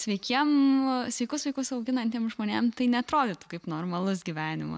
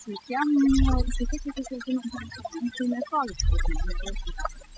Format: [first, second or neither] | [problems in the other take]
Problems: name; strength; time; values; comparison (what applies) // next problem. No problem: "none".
first | noise reduction (classical method spectral subtraction)